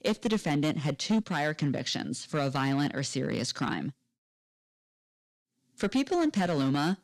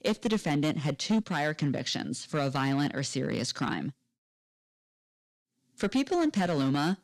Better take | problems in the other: neither | distortion; slight; 5% of the sound clipped; the same in both

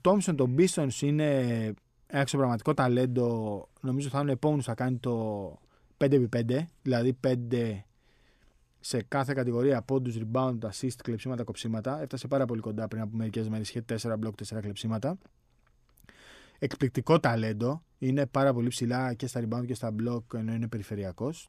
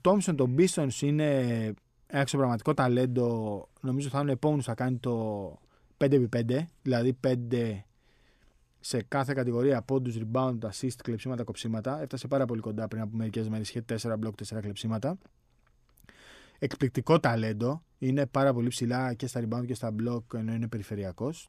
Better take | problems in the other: neither | none

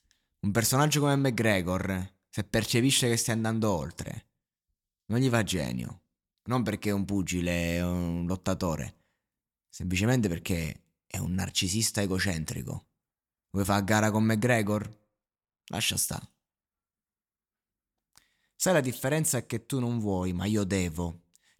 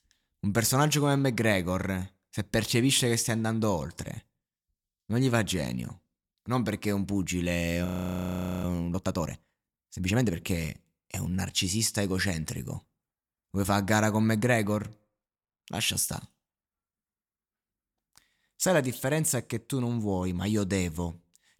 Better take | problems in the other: first | audio freezing; at 8 s for 1 s

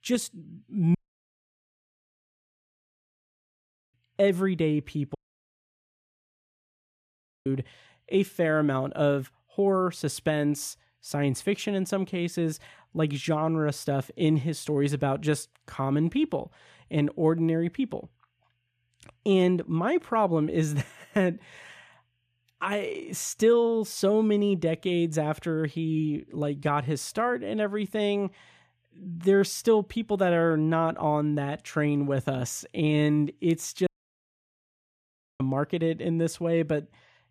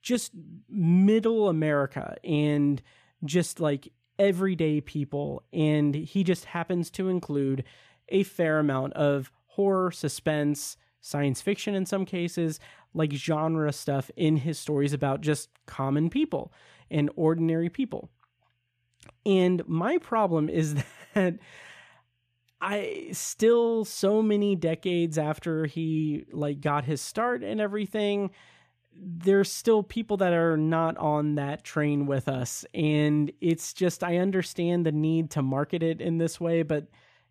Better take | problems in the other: second | audio cutting out; at 1 s for 3 s, at 5 s for 2.5 s and at 34 s for 1.5 s

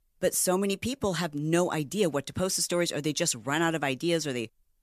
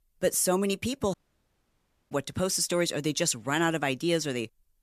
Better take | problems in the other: first | audio cutting out; at 1 s for 1 s

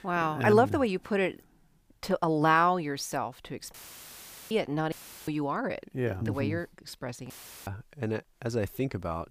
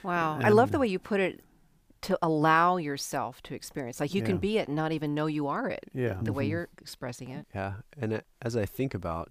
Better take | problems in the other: second | audio cutting out; filled with static; at 3.5 s for 1 s, at 5 s and at 7.5 s

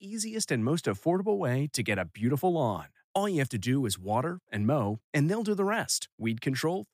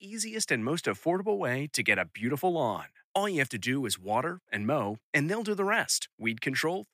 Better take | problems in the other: first | thin; very slightly; fading below 250 Hz

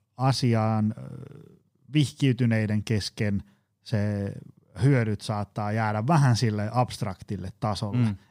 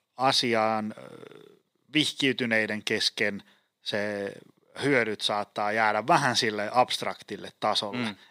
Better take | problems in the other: first | thin; somewhat; fading below 400 Hz

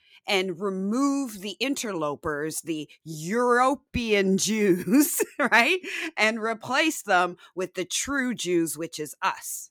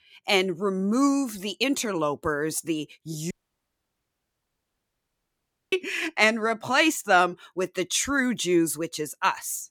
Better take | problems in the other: first | audio cutting out; at 3.5 s for 2.5 s

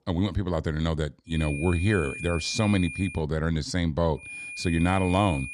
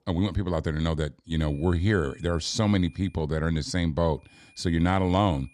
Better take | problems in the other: second | high-pitched whine; loud; from 1.5 to 3 s and from 4 s on; 2.5 kHz, 9 dB below the speech; faint in the second

